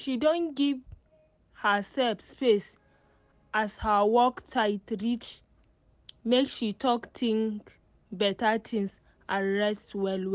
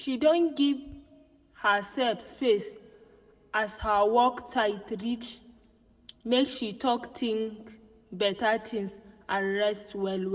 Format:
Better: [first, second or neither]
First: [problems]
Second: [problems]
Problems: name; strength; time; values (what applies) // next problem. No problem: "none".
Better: first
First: none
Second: room echo; dies away in 0.6 s